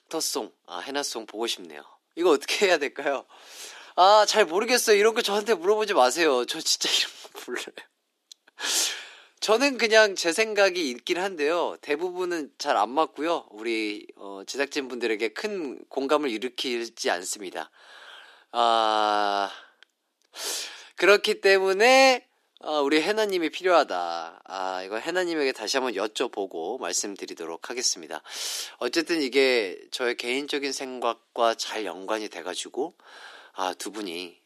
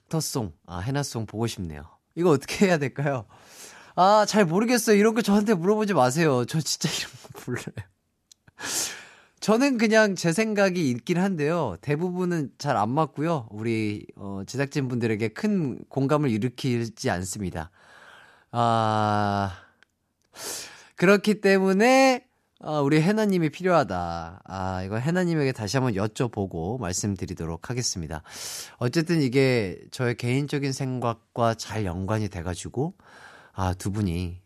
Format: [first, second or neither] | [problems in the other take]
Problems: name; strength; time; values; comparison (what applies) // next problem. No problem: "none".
second | thin; somewhat; fading below 300 Hz